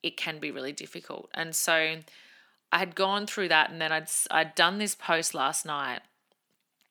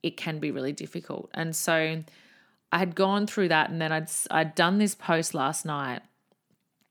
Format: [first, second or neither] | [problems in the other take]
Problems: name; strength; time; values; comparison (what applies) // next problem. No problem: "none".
second | thin; somewhat; fading below 800 Hz